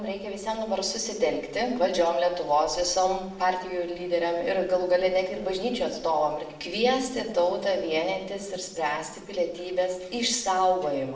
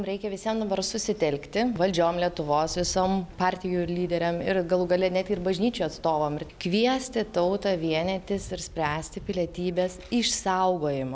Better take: second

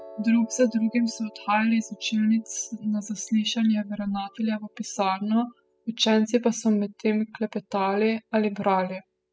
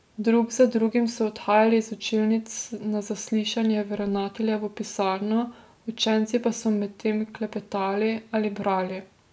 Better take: second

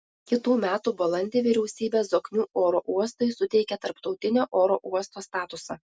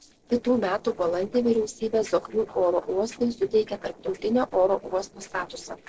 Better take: first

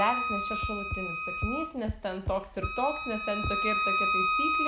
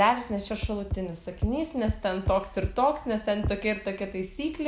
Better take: second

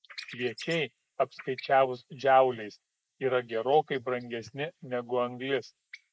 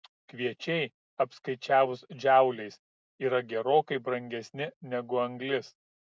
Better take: second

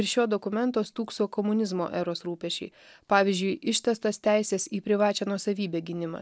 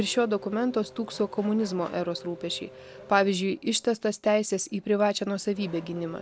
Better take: first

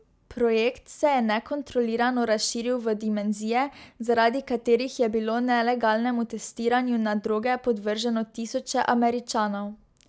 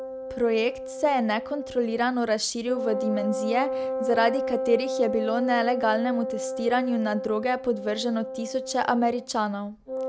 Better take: first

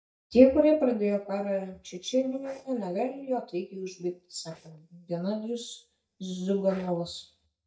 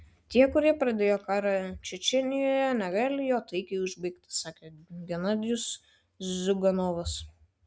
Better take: second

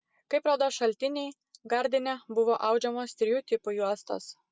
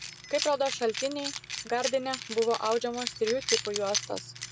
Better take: first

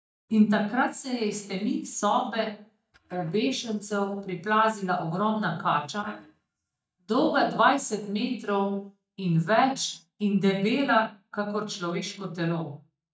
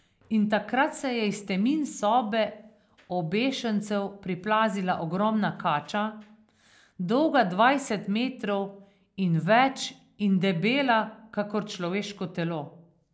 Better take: second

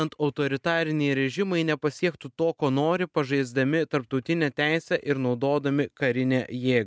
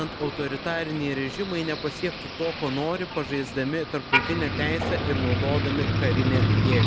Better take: first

